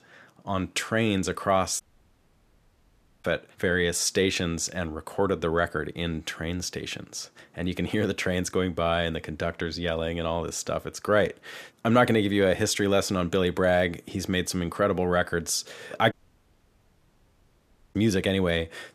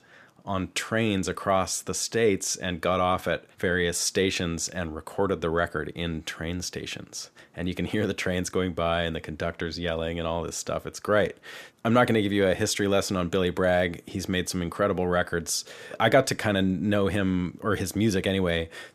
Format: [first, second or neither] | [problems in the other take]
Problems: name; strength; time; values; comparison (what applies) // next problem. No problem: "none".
second | audio cutting out; at 2 s for 1.5 s and at 16 s for 2 s